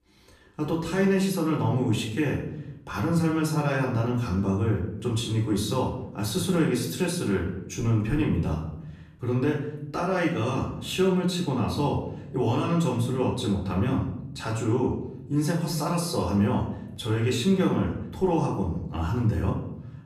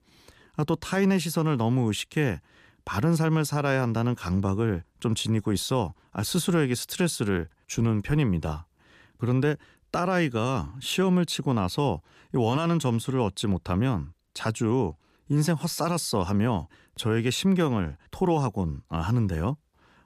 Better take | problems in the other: second | off-mic speech; far // room echo; slight; dies away in 0.7 s

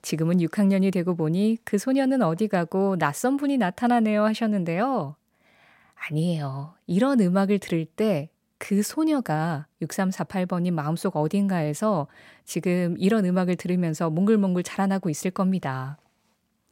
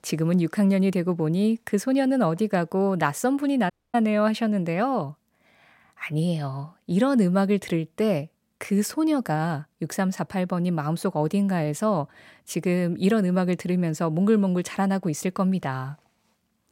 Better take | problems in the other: first | audio cutting out; at 3.5 s

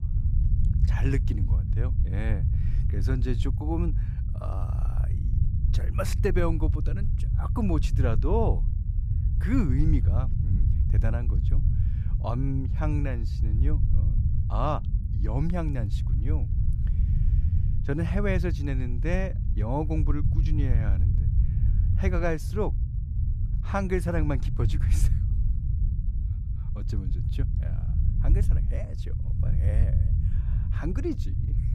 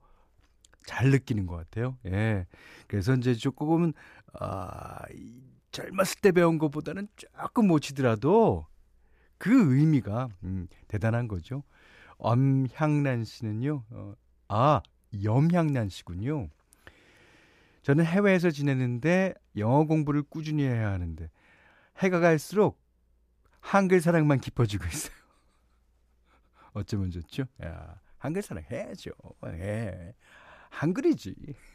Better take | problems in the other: second | low rumble; loud; throughout; 9 dB below the speech

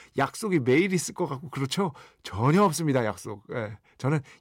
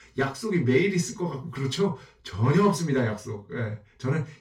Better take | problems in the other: first | room echo; slight; dies away in 0.2 s // off-mic speech; far

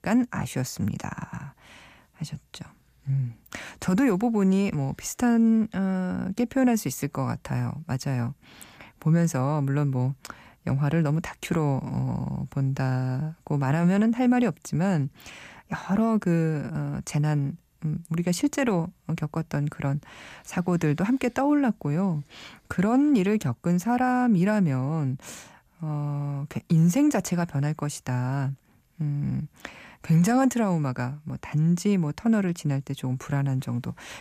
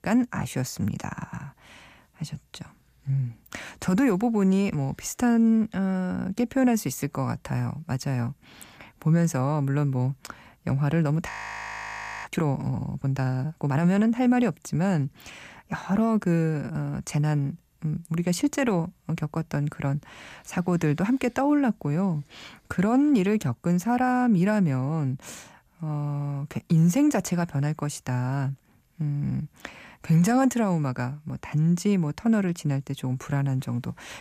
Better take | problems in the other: first | audio freezing; at 11 s for 1 s

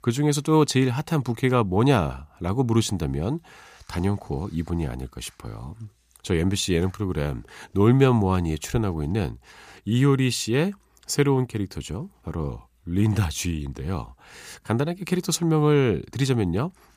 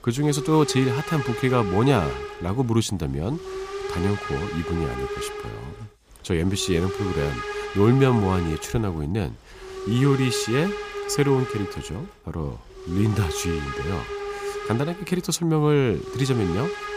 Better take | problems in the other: first | hiss; loud; throughout; 7 dB below the speech

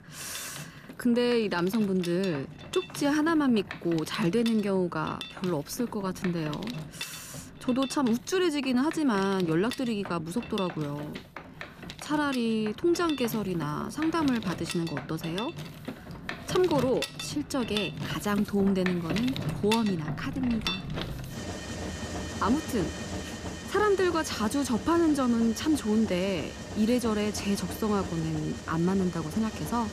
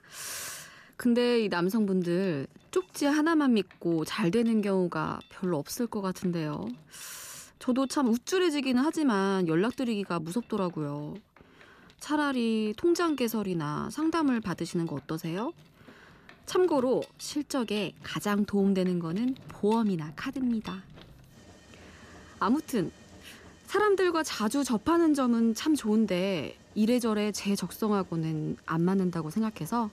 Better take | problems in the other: second | machinery noise; loud; throughout; 10 dB below the speech; faint in the second

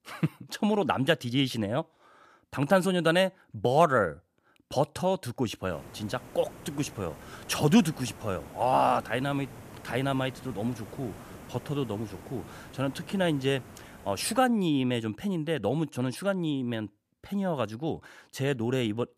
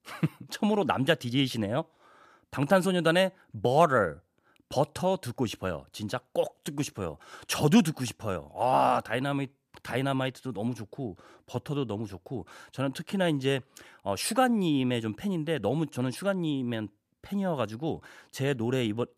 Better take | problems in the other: second | hiss; noticeable; from 5.5 to 14 s; 20 dB below the speech

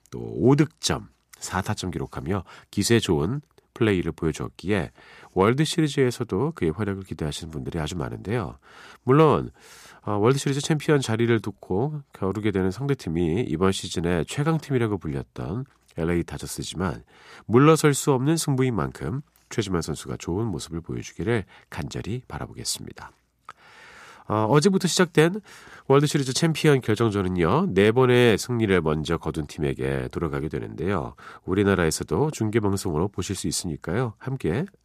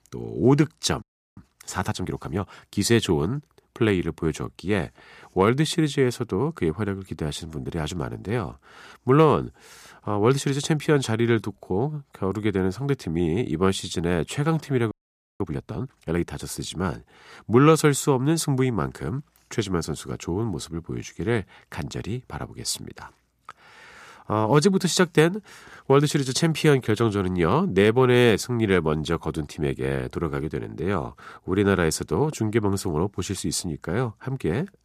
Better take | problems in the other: first | audio freezing; at 1 s and at 15 s

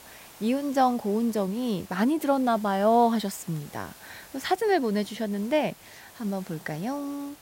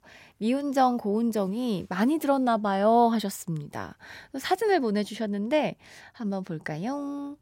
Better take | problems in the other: second | hiss; faint; throughout; 20 dB below the speech

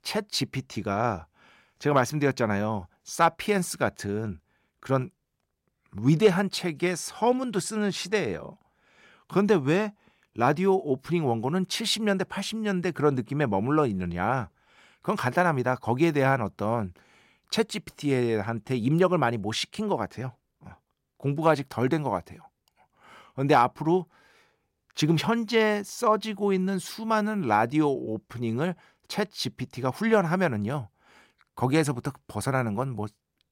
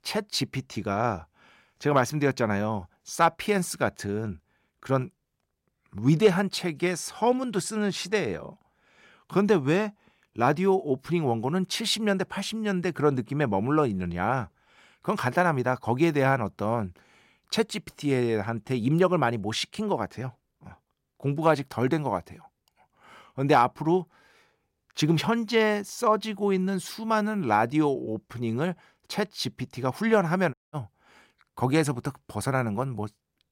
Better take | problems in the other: first | audio cutting out; at 31 s

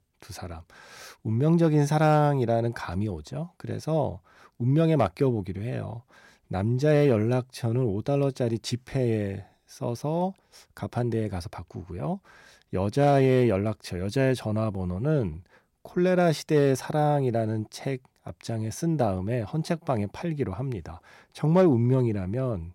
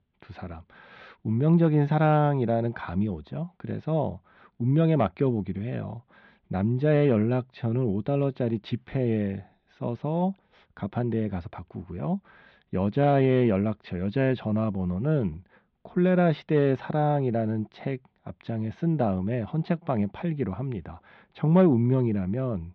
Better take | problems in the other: first | muffled; very; fading above 3.5 kHz

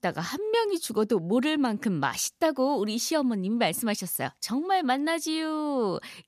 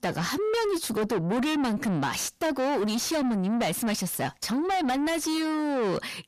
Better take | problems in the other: first | distortion; heavy; 7 dB below the speech

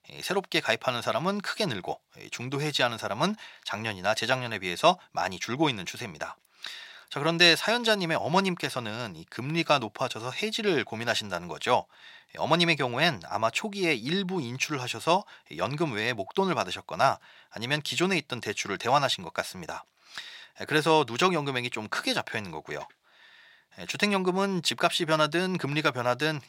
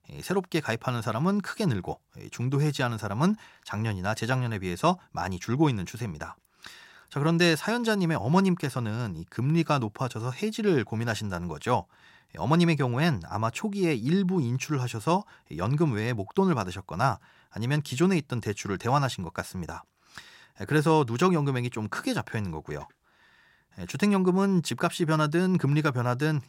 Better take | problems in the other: second | thin; somewhat; fading below 400 Hz

